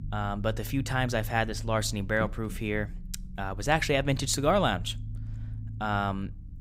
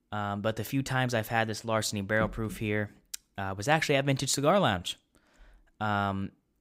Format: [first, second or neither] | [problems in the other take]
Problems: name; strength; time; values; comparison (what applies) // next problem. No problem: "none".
second | low rumble; faint; throughout; 25 dB below the speech